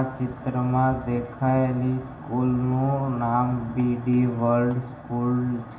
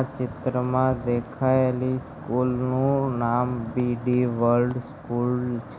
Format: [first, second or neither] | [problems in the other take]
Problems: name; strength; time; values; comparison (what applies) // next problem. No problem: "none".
second | room echo; dies away in 0.8 s